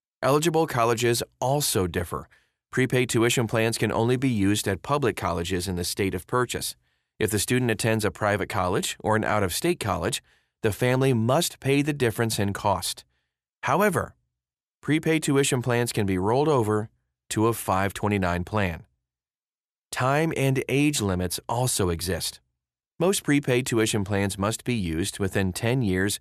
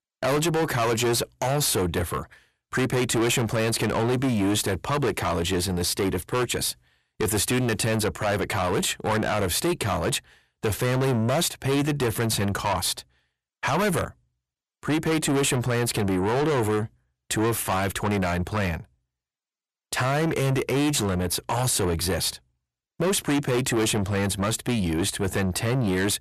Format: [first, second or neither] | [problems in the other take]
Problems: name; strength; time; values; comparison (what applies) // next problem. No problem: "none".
first | distortion; heavy; 6 dB below the speech